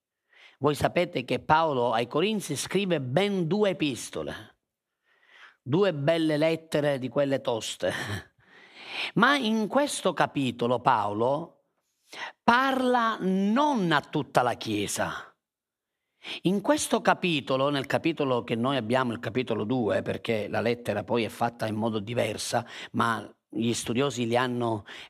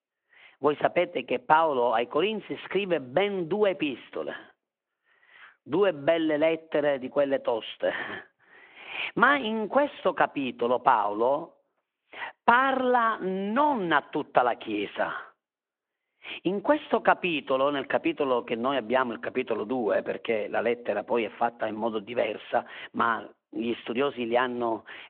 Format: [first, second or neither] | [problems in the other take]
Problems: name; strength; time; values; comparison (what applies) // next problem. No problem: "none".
first | phone-call audio